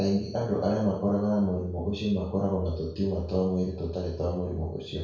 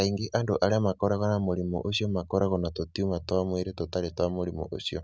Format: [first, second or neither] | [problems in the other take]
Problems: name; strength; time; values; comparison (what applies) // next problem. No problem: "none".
second | room echo; dies away in 0.6 s